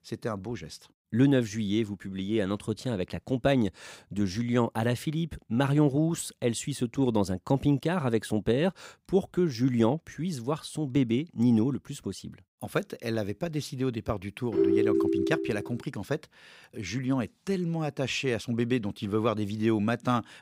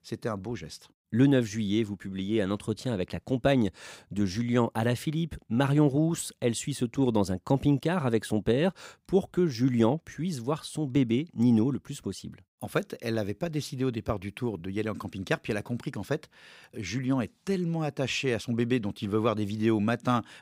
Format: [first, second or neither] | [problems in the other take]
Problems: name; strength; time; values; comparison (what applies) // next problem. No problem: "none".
second | phone ringing; loud; from 15 to 16 s; peak 5 dB above the speech